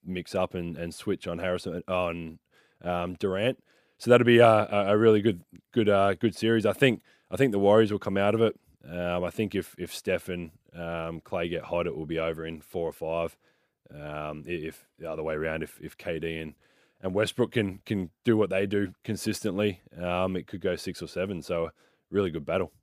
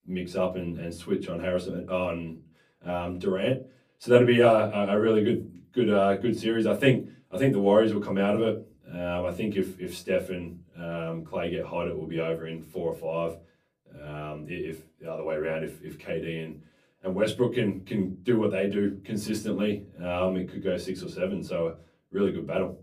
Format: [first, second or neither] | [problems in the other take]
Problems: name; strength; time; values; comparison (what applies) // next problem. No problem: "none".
first | off-mic speech; far // room echo; very slight; dies away in 0.2 s